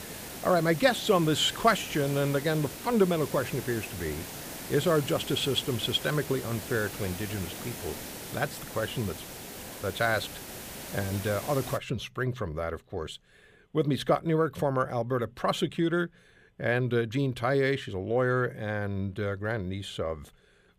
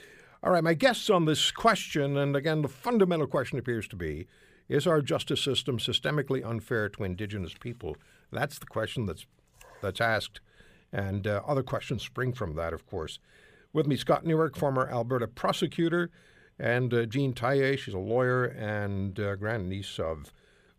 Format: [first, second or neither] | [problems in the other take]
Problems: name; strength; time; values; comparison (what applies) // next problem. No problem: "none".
second | hiss; noticeable; until 12 s; 10 dB below the speech